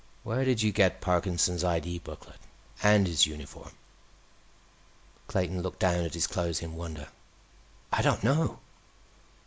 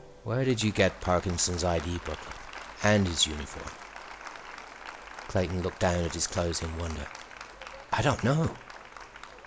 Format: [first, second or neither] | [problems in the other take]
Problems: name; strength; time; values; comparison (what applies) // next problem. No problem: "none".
first | background sound (Applause); 14 dB below the speech